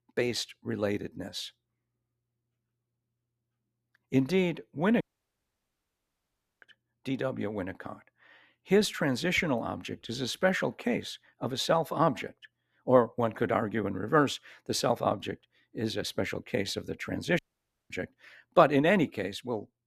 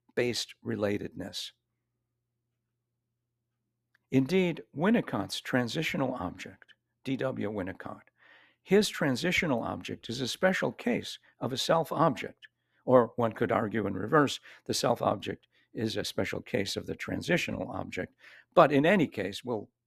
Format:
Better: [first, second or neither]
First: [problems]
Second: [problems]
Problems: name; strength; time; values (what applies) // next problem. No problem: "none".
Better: second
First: audio cutting out; at 5 s for 1.5 s and at 17 s for 0.5 s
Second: none